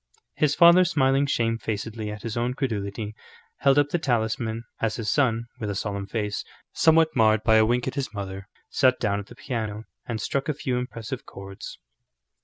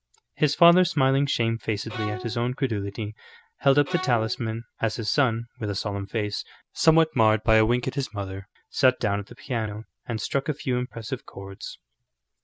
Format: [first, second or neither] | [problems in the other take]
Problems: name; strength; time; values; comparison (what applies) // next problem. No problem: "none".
first | background sound (Bowed string instrument); 11 dB below the speech